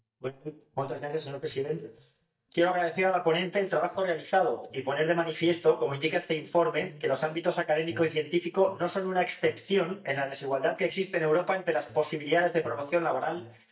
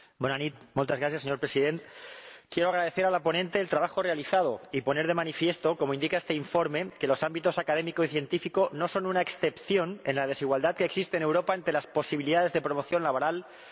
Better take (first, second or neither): second